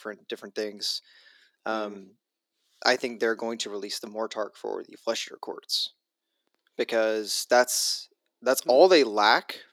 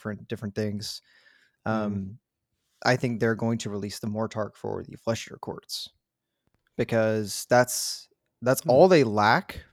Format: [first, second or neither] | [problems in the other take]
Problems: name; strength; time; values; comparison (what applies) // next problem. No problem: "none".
second | thin; somewhat; fading below 300 Hz